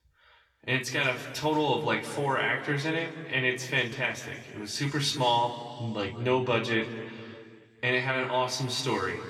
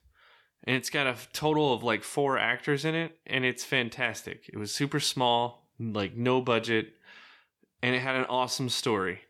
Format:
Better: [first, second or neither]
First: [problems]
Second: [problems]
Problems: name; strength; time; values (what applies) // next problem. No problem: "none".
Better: second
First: room echo; slight; dies away in 2.2 s // off-mic speech; somewhat distant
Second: none